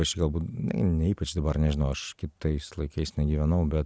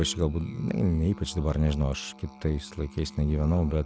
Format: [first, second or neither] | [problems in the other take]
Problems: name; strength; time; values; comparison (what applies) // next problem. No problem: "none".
first | background sound (Musical instrument); 19 dB below the speech